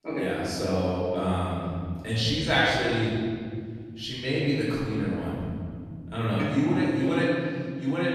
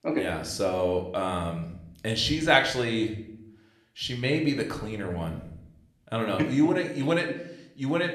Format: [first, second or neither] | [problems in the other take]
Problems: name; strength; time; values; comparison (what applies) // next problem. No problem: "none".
second | room echo; strong; dies away in 2.4 s; slight in the second // off-mic speech; far